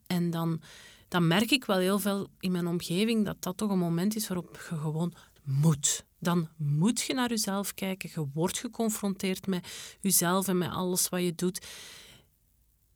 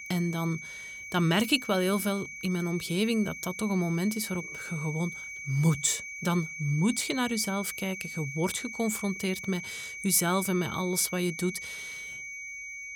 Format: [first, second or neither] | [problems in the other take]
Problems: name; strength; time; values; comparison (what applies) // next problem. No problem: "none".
first | high-pitched whine; loud; throughout; 2.5 kHz, 9 dB below the speech